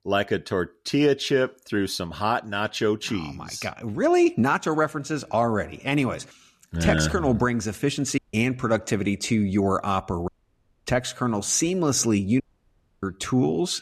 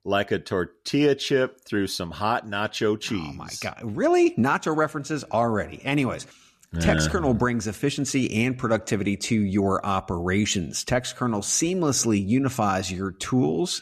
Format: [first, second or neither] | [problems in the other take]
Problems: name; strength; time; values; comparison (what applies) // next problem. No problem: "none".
second | audio cutting out; at 8 s, at 10 s for 0.5 s and at 12 s for 0.5 s